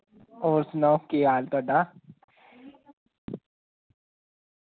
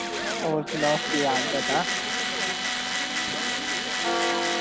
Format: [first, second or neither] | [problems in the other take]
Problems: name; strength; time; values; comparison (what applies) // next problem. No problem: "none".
first | background sound (Church bell + Tools); 4 dB above the speech